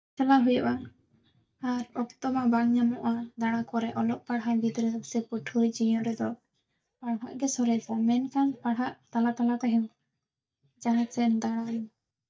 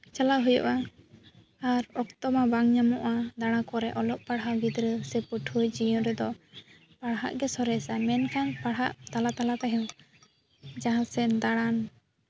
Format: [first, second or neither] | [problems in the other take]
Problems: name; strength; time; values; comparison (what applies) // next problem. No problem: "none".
second | noise reduction (neural mask model DeepFilterNet 3)